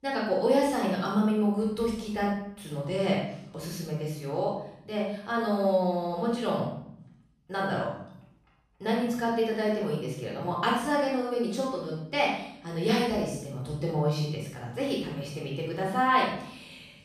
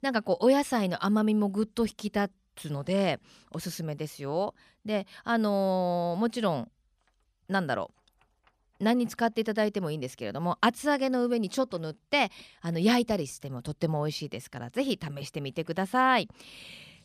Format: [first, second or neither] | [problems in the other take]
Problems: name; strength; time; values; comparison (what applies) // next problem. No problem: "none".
second | room echo; noticeable; dies away in 0.6 s // off-mic speech; far